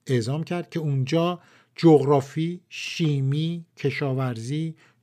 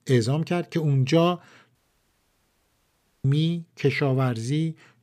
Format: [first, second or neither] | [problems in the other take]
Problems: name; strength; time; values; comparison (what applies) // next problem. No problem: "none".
first | audio cutting out; at 2 s for 1.5 s